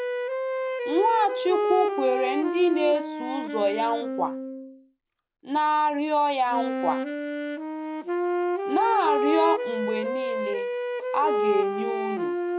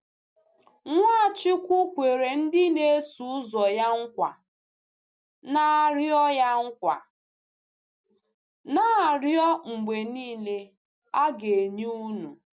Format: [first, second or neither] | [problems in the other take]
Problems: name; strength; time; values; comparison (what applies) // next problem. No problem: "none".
second | background sound (Wind instrument, woodwind instrument); 1 dB below the speech